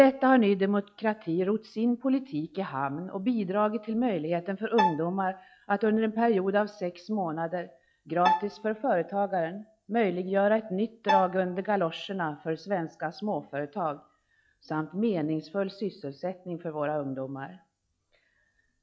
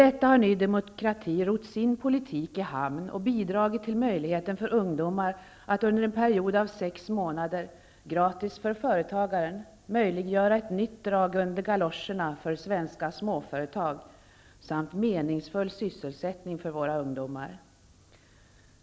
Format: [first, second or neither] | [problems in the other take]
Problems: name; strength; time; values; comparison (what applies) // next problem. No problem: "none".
second | noise reduction (classical method log-MMSE)